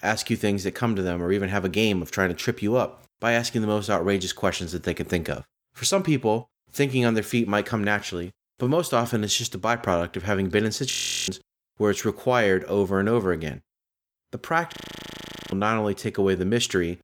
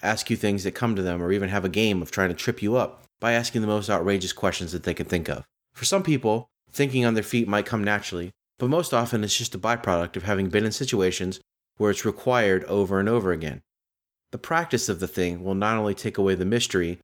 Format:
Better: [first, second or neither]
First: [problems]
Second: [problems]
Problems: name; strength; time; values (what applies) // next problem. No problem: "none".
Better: second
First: audio freezing; at 11 s and at 15 s for 1 s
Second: none